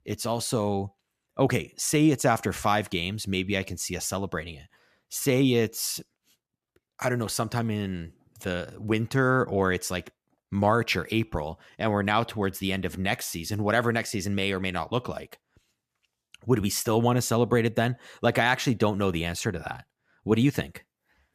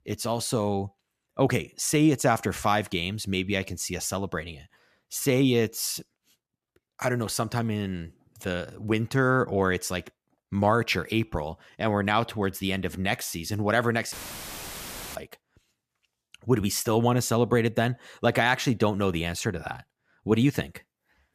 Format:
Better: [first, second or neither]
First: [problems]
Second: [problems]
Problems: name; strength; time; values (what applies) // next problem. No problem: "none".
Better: first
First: none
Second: audio cutting out; filled with static; at 14 s for 1 s